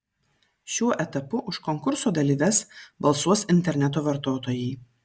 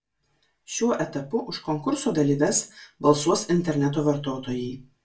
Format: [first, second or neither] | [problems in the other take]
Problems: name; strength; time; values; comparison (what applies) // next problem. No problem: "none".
first | room echo; dies away in 0.2 s